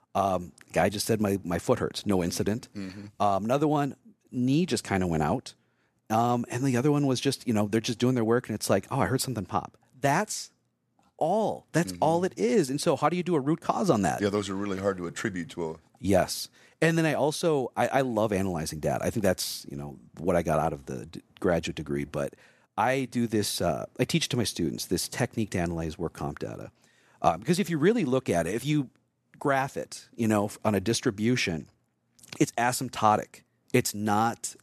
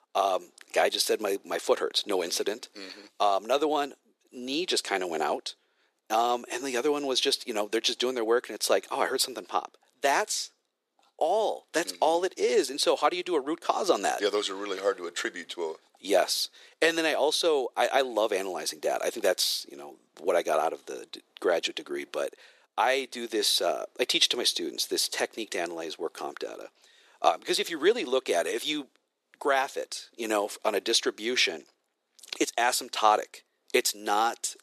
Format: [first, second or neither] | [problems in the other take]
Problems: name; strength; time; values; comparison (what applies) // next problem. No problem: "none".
first | thin; very; fading below 400 Hz